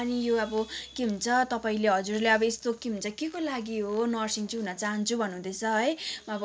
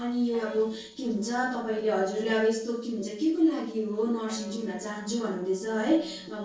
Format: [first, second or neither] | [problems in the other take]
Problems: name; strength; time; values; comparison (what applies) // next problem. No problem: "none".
first | noise reduction (neural separator model SepFormer DNS4)